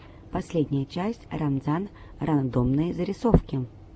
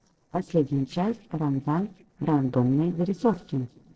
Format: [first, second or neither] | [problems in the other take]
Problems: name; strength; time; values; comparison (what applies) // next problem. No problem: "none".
first | noise reduction (neural separator model SepFormer DNS4)